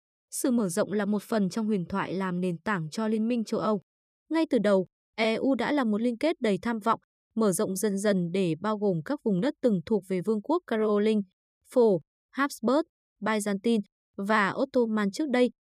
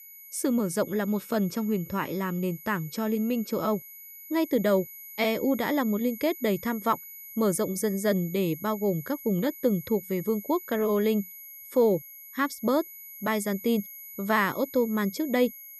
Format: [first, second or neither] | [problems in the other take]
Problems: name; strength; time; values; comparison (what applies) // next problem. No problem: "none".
first | high-pitched whine; noticeable; throughout; 12 kHz, 15 dB below the speech